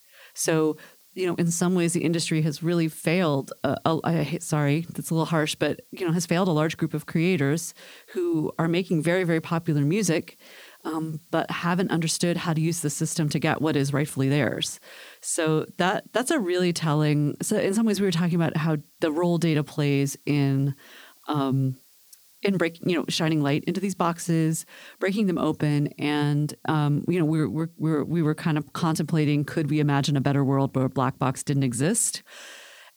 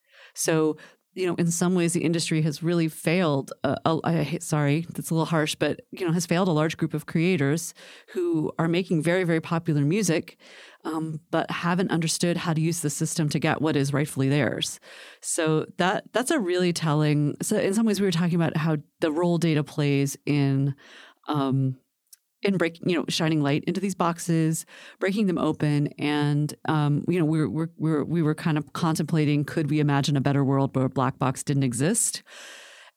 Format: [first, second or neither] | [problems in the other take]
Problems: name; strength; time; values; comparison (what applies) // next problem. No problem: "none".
second | hiss; faint; throughout; 30 dB below the speech